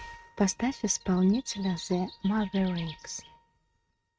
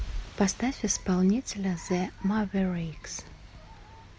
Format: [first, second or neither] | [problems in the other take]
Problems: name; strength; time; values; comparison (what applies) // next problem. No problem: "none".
second | noise reduction (neural mask model RNNoise)